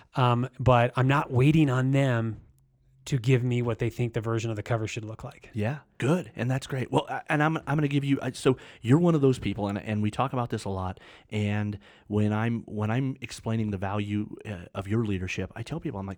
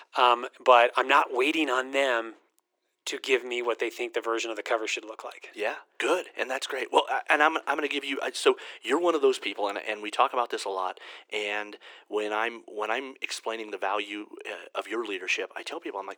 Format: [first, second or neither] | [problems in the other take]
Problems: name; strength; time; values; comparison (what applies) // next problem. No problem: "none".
first | thin; very; fading below 350 Hz